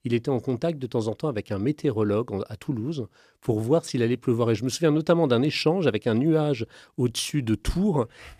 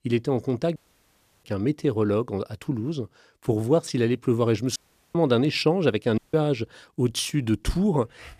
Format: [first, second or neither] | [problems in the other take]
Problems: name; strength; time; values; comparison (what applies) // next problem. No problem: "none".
first | audio cutting out; at 1 s for 0.5 s, at 5 s and at 6 s